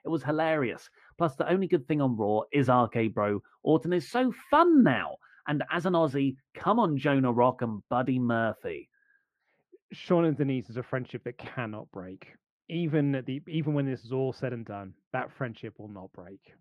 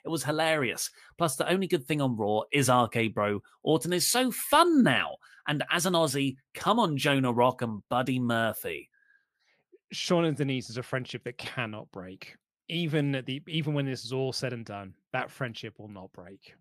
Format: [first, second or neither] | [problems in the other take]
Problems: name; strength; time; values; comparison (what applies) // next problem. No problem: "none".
second | muffled; very; fading above 3.5 kHz